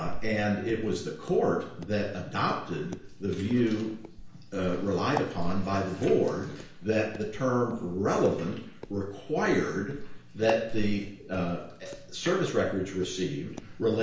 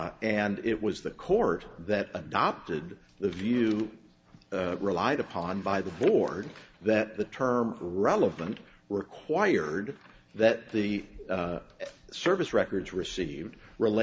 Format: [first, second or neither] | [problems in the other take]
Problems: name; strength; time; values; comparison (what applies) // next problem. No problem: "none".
second | background sound (Walk, footsteps); 9 dB below the speech // room echo; dies away in 0.5 s